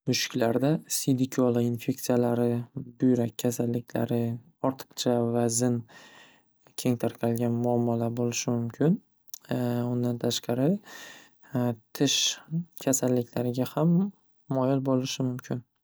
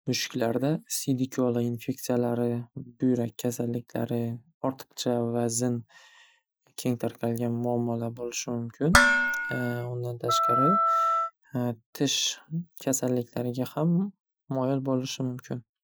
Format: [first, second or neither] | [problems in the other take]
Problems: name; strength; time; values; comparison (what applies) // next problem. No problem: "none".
first | noise reduction (classical method Wiener filter)